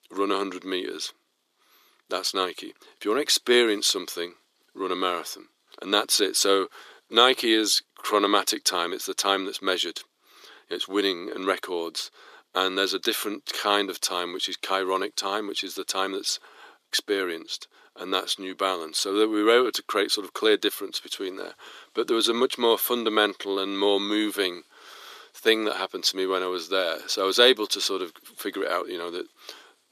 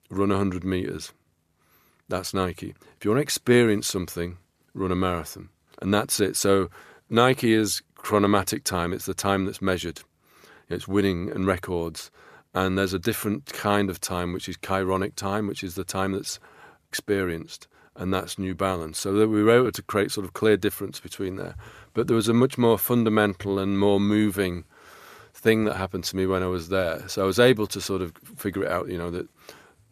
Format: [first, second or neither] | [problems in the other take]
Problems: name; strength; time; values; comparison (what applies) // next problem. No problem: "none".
second | thin; somewhat; fading below 300 Hz